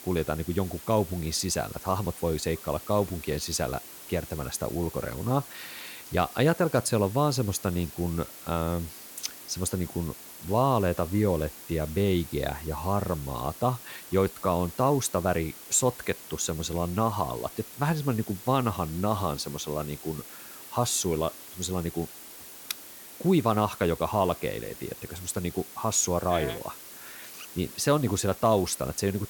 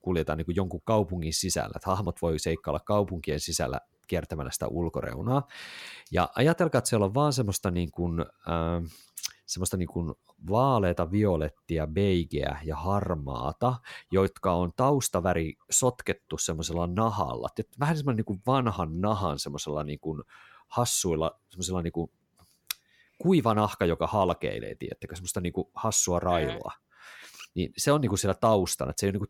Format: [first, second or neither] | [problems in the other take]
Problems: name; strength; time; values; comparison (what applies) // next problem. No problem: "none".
second | hiss; noticeable; throughout; 15 dB below the speech